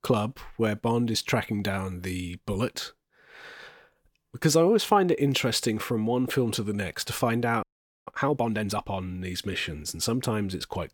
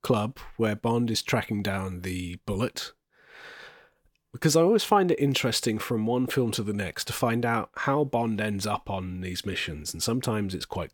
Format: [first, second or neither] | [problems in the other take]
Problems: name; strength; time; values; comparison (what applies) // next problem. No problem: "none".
second | audio freezing; at 7.5 s